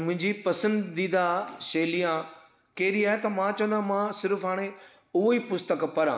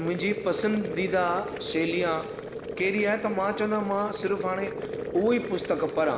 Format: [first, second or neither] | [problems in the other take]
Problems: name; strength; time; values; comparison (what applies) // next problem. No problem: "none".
first | background sound (Boiling); 7 dB below the speech